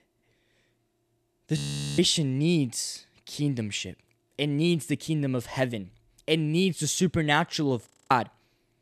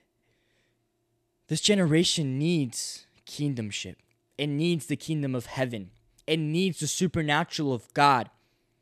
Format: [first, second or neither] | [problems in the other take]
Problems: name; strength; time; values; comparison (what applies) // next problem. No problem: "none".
second | audio freezing; at 1.5 s and at 8 s